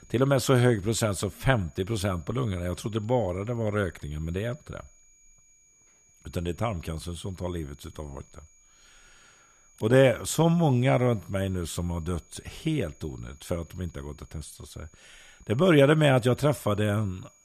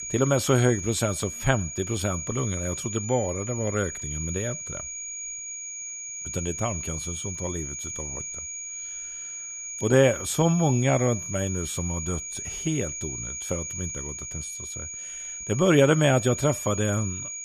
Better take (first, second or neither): first